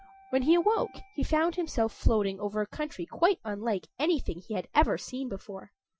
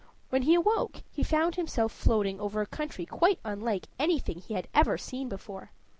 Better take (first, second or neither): second